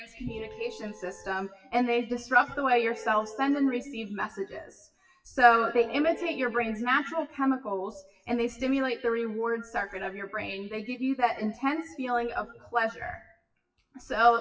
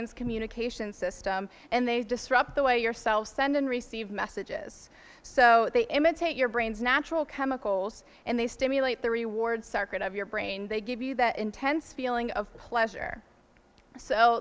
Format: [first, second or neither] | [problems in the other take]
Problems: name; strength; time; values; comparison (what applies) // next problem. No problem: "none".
second | noise reduction (classical method WPE with log-MMSE)